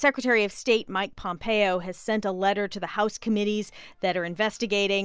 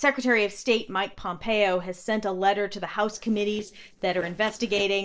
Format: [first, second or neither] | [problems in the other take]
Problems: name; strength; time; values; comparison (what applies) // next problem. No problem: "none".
first | noise reduction (neural separator model SepFormer DNS4)